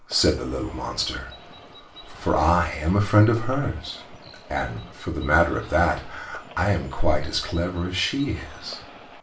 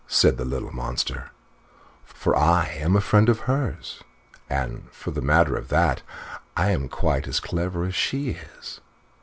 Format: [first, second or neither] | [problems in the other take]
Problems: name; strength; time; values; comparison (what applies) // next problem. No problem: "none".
second | background sound (Bird); 20 dB below the speech // room echo; dies away in 0.3 s